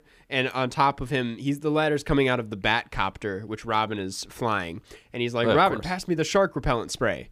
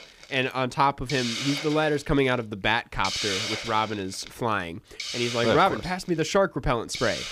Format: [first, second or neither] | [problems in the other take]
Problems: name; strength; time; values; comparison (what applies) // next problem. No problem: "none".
first | hiss; loud; throughout; 5 dB below the speech